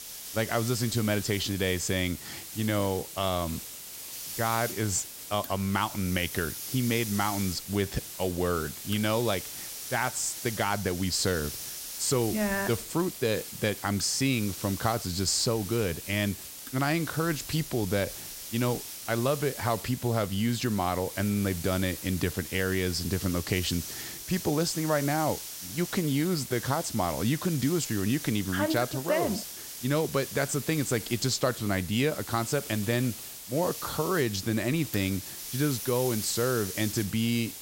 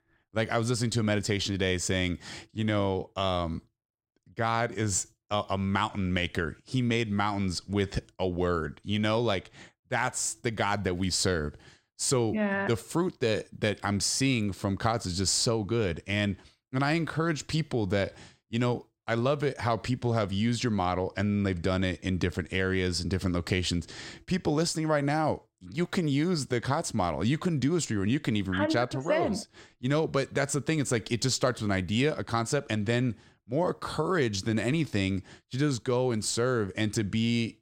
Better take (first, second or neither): second